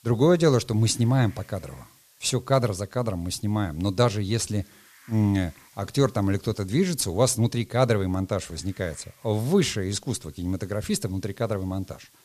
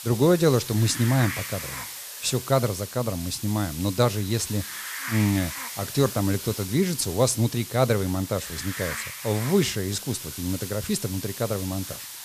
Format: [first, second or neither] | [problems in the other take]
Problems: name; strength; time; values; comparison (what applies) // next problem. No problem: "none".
first | hiss; loud; throughout; 8 dB below the speech; faint in the first